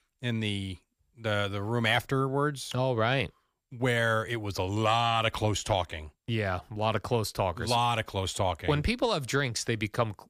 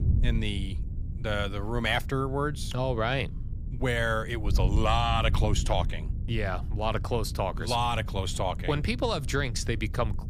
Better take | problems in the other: first | wind noise on the microphone; occasional gusts; 20 dB below the speech

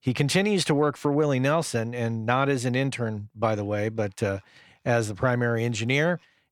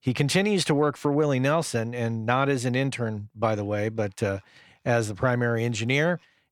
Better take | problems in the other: neither | none

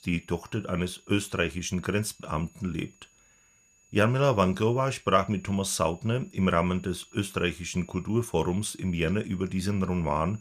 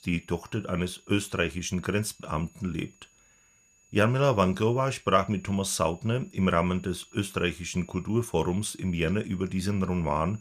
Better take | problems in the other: neither | high-pitched whine; faint; throughout; 6.5 kHz, 30 dB below the speech; the same in both

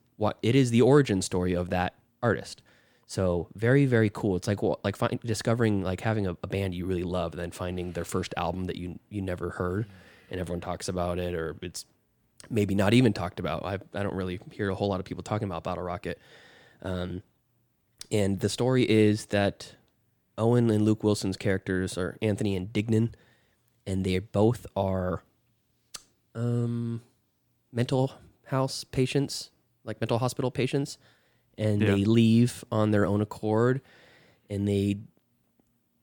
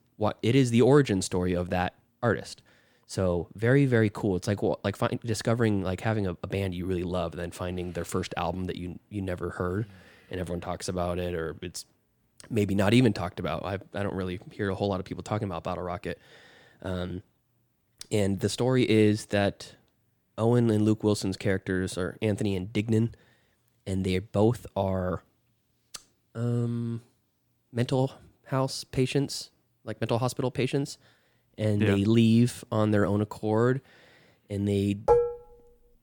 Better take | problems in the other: first | clattering dishes; loud; at 35 s; peak 4 dB above the speech

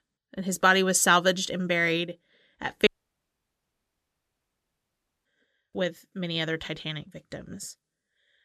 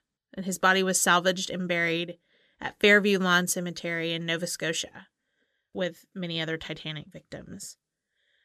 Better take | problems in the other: second | audio cutting out; at 3 s for 2.5 s

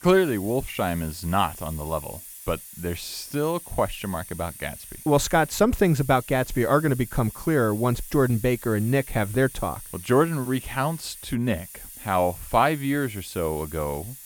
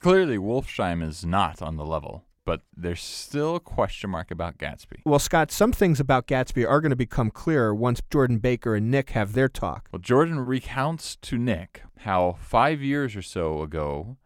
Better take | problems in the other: second | hiss; noticeable; throughout; 15 dB below the speech

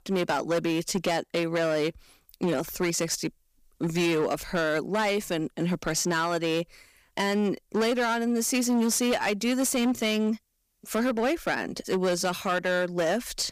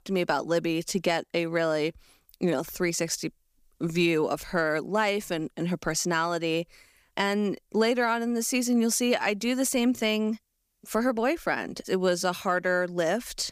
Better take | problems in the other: second | distortion; slight; 13% of the sound clipped

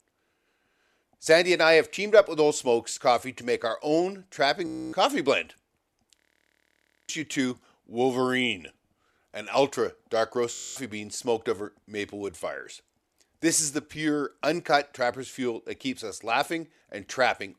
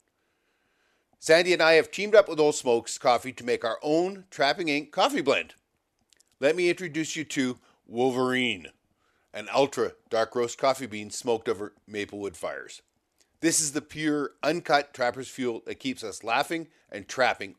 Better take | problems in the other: second | audio freezing; at 4.5 s, at 6 s for 1 s and at 11 s

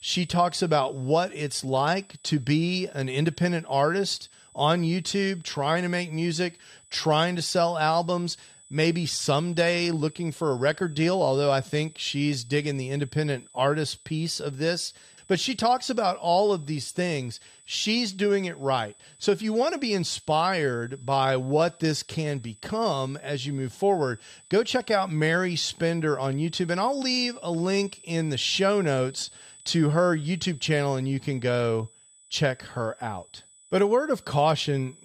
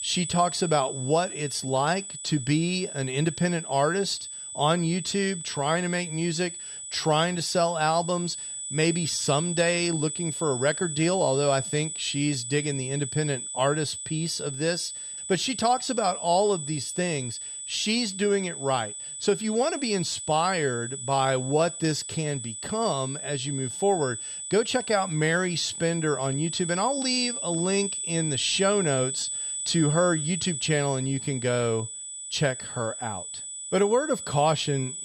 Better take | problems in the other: first | high-pitched whine; loud; throughout; 8 kHz, 6 dB below the speech; faint in the first

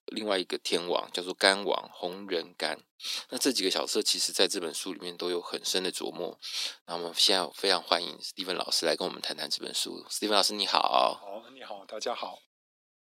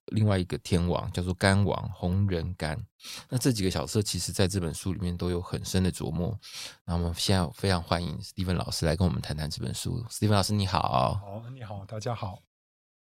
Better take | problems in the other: second | thin; very; fading below 300 Hz

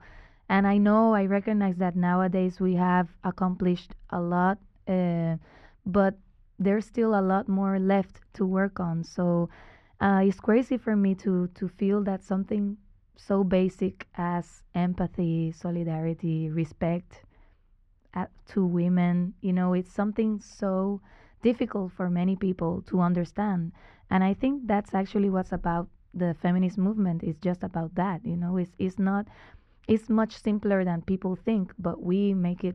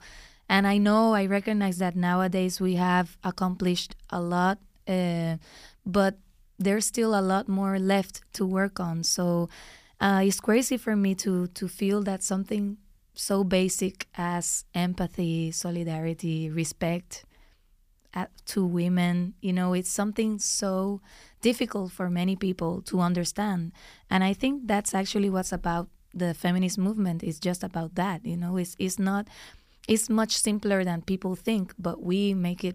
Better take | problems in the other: second | muffled; very; fading above 1.5 kHz

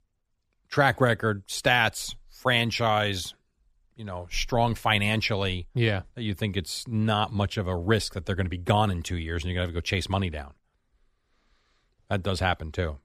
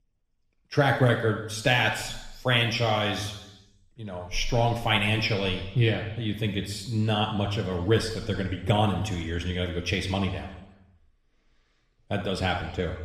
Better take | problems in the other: first | room echo; noticeable; dies away in 0.9 s

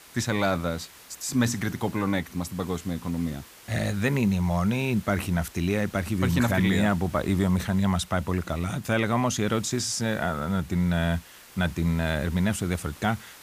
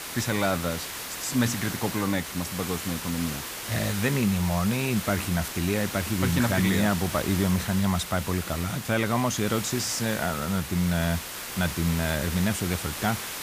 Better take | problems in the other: first | hiss; loud; throughout; 6 dB below the speech; faint in the first

